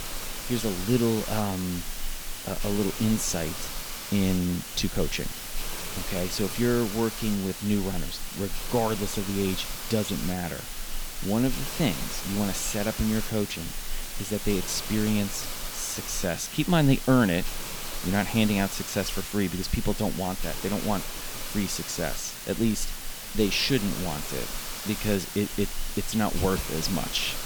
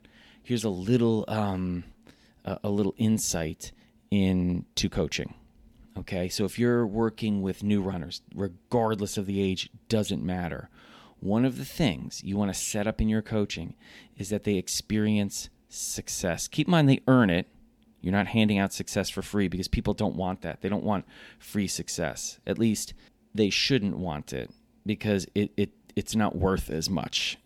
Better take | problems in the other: second | hiss; loud; throughout; 6 dB below the speech

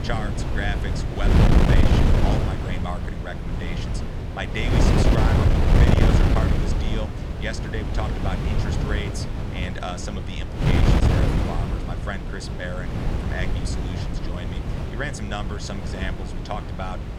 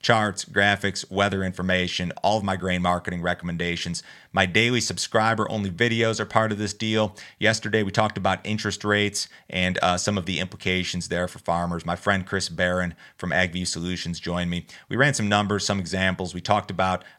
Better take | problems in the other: second | wind noise on the microphone; heavy; 2 dB above the speech

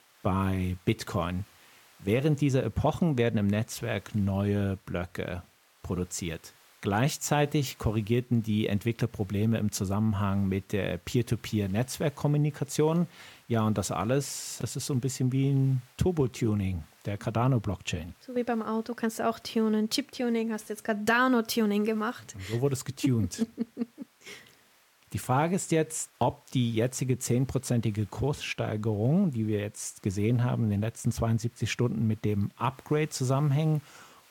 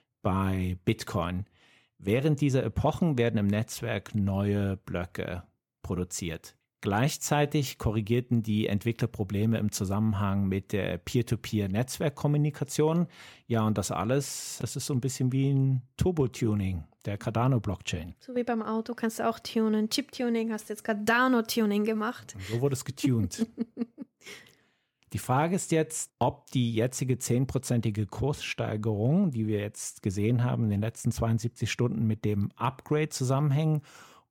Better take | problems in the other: second | hiss; faint; throughout; 30 dB below the speech

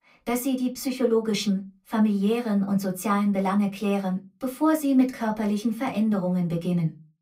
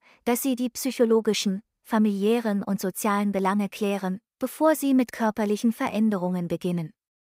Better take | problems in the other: second | off-mic speech; far // room echo; very slight; dies away in 0.2 s

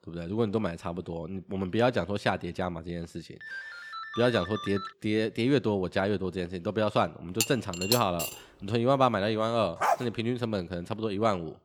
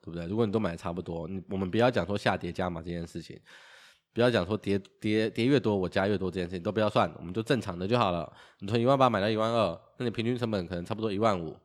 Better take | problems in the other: second | phone ringing; noticeable; from 3.5 to 5 s; peak 9 dB below the speech // clattering dishes; noticeable; at 7.5 s; peak level with the speech // dog barking; loud; at 10 s; peak 1 dB above the speech

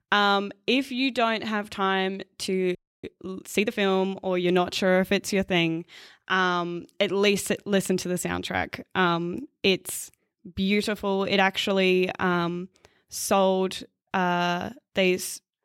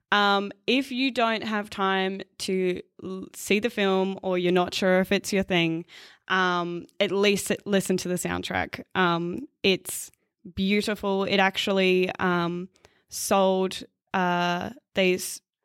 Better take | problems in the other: second | audio freezing; at 3 s

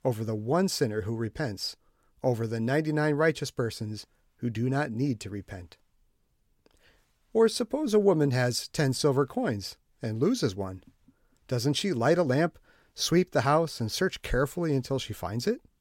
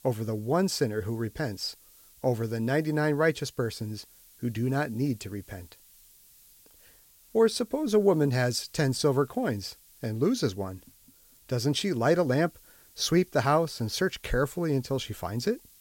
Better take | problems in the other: first | hiss; faint; throughout; 25 dB below the speech

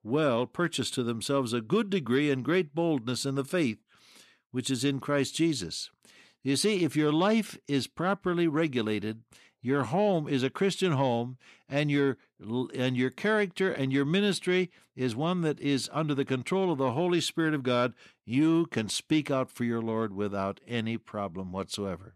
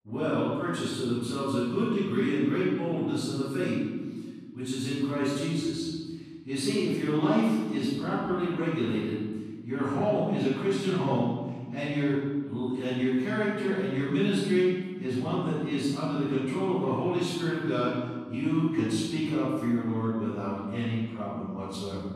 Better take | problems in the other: first | room echo; strong; dies away in 1.6 s // off-mic speech; far

